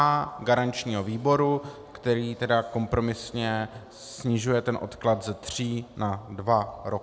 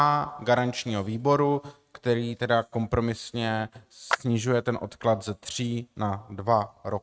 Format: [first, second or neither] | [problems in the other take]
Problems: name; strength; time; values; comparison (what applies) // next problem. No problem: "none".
first | noise reduction (neural mask model RNNoise)